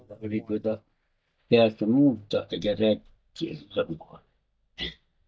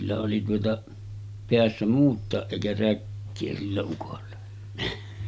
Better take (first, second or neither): second